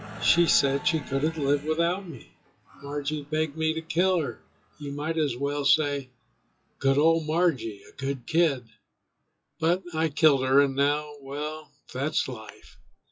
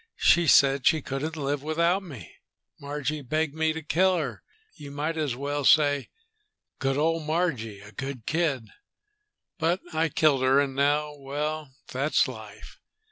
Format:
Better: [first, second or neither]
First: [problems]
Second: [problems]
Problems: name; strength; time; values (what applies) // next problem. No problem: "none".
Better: second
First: noise reduction (classical method WPE with log-MMSE)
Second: none